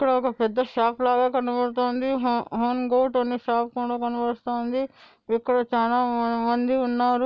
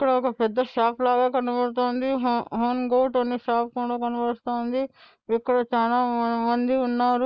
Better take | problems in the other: first | noise reduction (neural mask model Resemble Enhance denoiser)

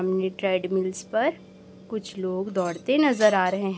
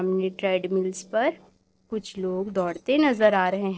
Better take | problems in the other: first | noise reduction (neural separator model SepFormer DNS4)

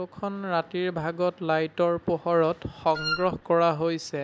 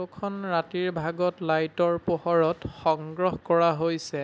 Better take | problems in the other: second | background sound (Wind instrument, woodwind instrument); 6 dB below the speech

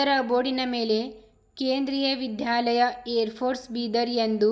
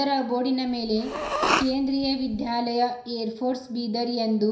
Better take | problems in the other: first | background sound (Respiratory sounds); 3 dB below the speech // room echo; dies away in 0.5 s

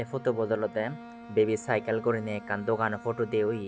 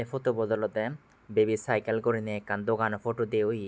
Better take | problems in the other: second | background sound (Bowed string instrument); 17 dB below the speech

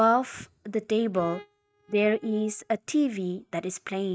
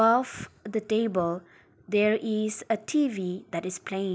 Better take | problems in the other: second | noise reduction (neural mask model RNNoise)

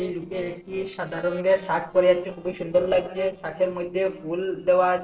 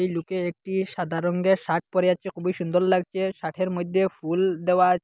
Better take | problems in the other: second | noise reduction (neural separator model SepFormer DNS4)

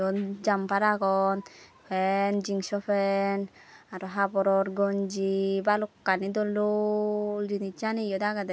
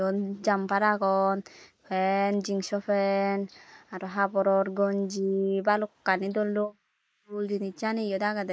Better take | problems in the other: first | noise reduction (neural mask model Resemble Enhance denoiser)

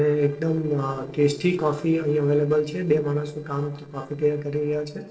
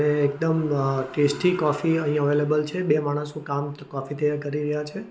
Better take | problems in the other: second | noise reduction (neural separator model SepFormer DNS4)

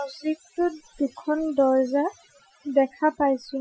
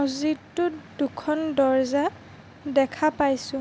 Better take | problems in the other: second | noise reduction (classical method Wiener filter)

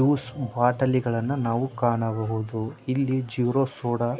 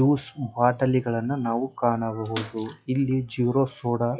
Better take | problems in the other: first | noise reduction (classical method log-MMSE)

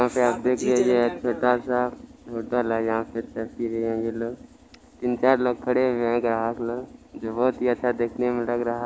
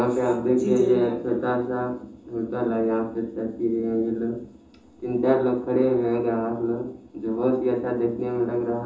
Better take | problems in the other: first | room echo; dies away in 0.6 s

